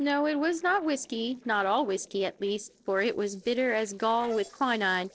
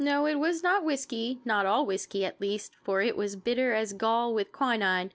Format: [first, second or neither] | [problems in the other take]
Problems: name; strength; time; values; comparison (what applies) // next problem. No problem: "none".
second | noise reduction (neural separator model SepFormer DNS4)